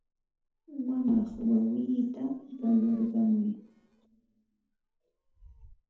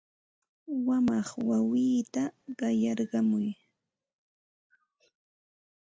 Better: second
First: noise reduction (neural separator model SepFormer DNS4)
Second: none

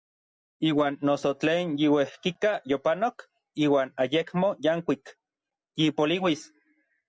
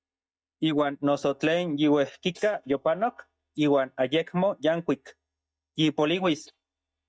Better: first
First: none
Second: noise reduction (neural mask model DeepFilterNet 3)

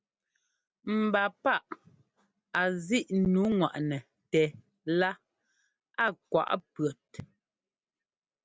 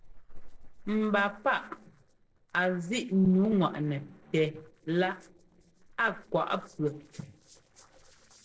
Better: first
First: none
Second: noise reduction (neural separator model SepFormer DNS4)

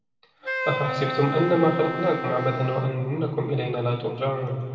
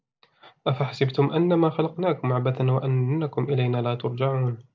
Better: second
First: background sound (Wind instrument, woodwind instrument); 6 dB below the speech // room echo; dies away in 2.2 s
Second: none

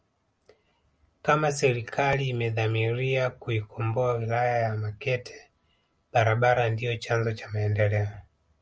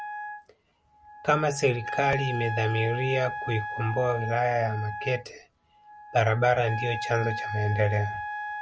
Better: first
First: none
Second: background sound (Wind instrument, woodwind instrument); 8 dB below the speech

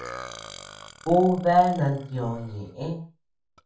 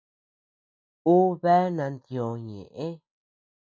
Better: second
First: background sound (Burping, eructation); 18 dB below the speech // room echo; dies away in 0.3 s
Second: none

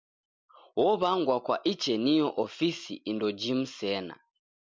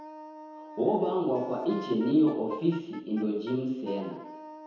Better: first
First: none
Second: background sound (Wind instrument, woodwind instrument); 16 dB below the speech // room echo; dies away in 1 s

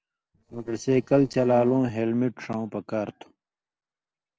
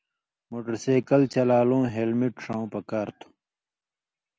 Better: second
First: noise reduction (neural separator model SepFormer DNS4)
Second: none

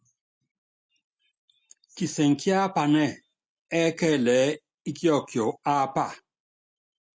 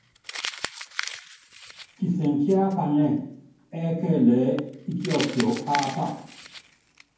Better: first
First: none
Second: background sound (Crumpling, crinkling); 13 dB below the speech // room echo; dies away in 0.9 s

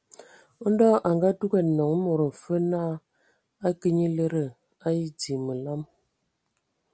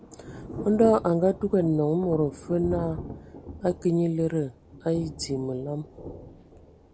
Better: first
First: none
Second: background sound (Thunder / Rain); 13 dB below the speech

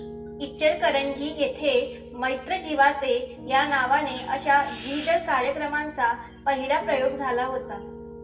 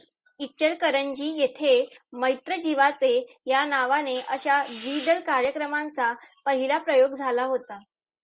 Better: second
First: background sound (Piano); 16 dB below the speech // room echo; dies away in 0.6 s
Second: none

